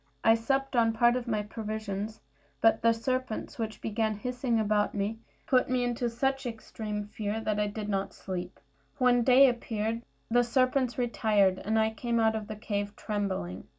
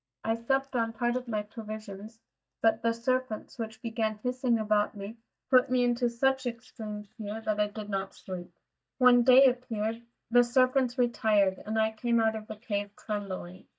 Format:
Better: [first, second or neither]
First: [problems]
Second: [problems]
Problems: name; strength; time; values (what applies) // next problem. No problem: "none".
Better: first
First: none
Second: noise reduction (neural mask model DeepFilterNet 3)